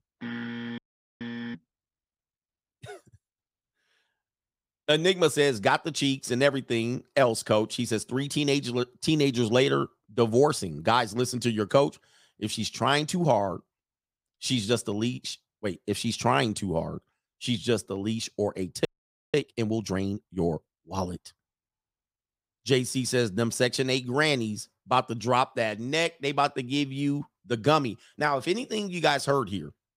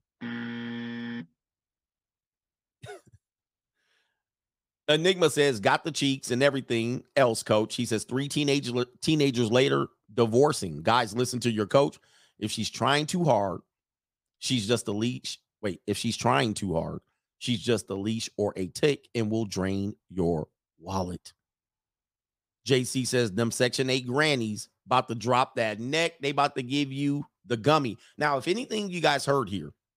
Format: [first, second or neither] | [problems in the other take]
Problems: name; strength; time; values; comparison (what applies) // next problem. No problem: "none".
second | audio freezing; at 1 s and at 19 s